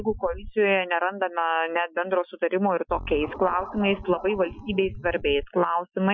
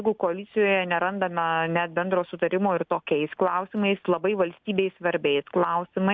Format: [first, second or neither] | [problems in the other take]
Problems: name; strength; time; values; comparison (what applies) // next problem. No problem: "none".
second | noise reduction (classical method Wiener filter)